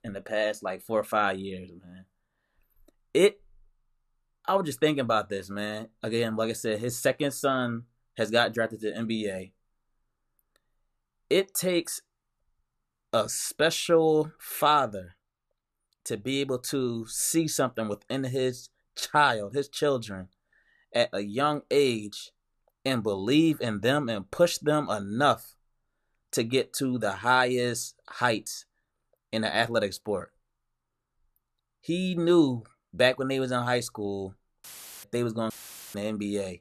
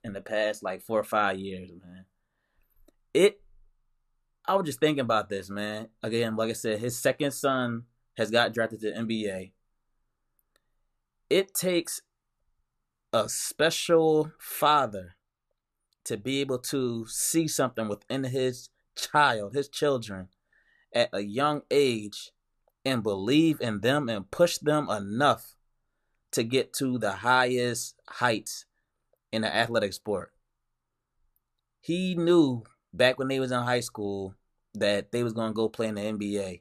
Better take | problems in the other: second | audio cutting out; filled with static; at 35 s and at 36 s

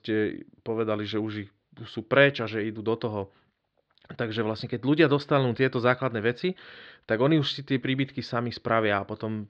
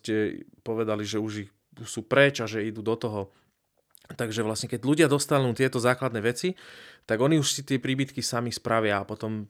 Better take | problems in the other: second | muffled; slightly; fading above 4 kHz

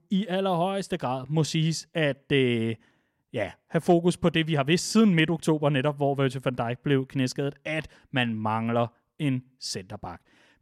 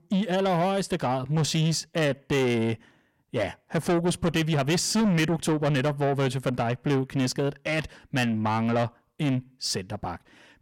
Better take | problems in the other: first | distortion; heavy; 8 dB below the speech

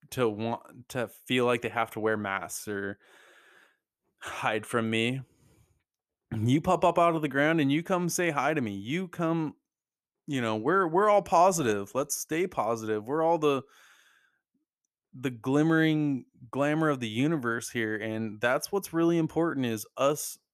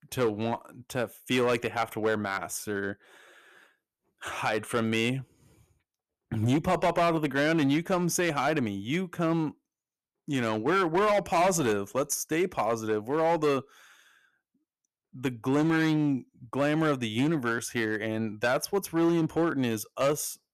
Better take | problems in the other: first | distortion; slight; 6% of the sound clipped

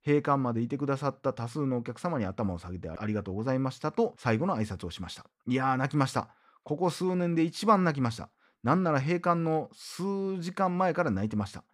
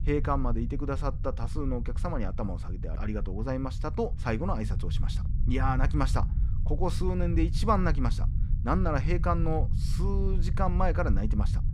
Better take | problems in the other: first | low rumble; noticeable; throughout; 15 dB below the speech

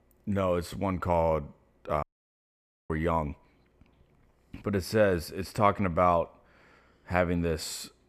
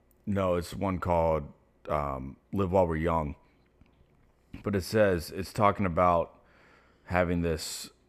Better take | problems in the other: second | audio cutting out; at 2 s for 1 s

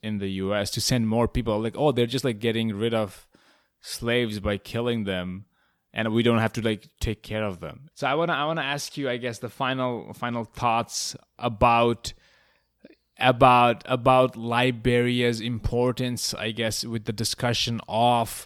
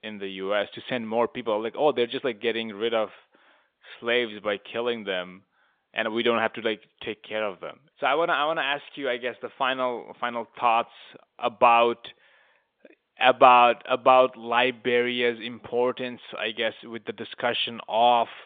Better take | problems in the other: first | phone-call audio; nothing above 3.5 kHz

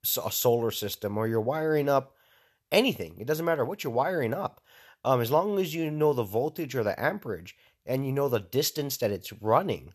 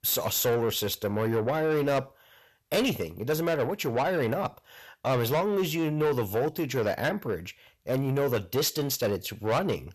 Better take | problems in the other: first | distortion; heavy; 8 dB below the speech

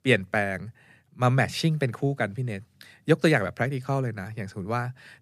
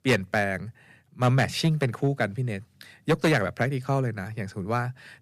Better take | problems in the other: first | distortion; slight; 3% of the sound clipped

